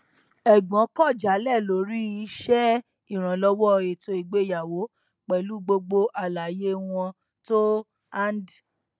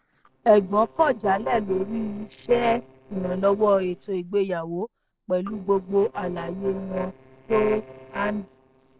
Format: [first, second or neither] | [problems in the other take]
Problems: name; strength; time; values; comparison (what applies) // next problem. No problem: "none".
first | noise reduction (neural separator model SepFormer DNS4)